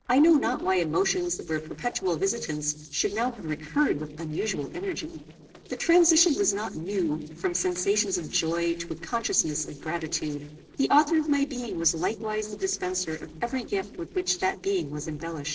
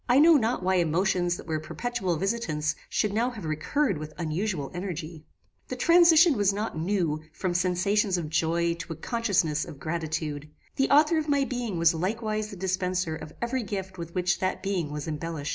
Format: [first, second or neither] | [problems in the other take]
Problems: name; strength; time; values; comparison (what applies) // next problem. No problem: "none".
second | noise reduction (neural separator model SepFormer DNS4)